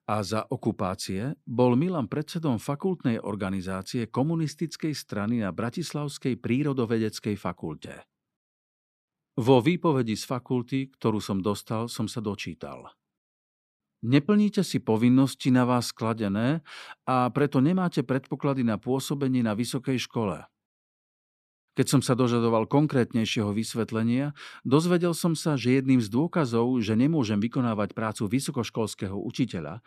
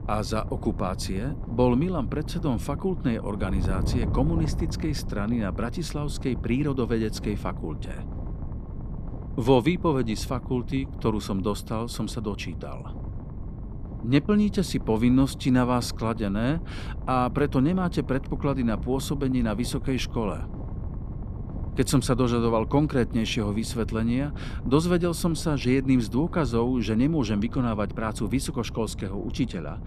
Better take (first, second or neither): first